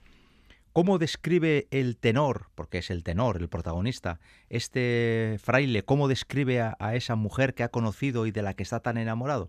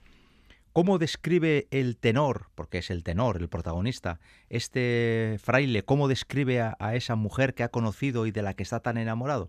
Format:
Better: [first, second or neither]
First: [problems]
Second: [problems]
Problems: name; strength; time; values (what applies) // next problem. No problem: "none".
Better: neither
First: none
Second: none